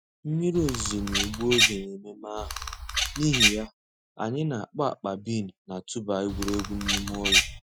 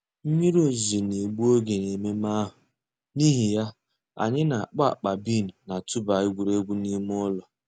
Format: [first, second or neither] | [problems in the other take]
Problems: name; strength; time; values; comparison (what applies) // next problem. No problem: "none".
second | noise reduction (classical method Wiener filter)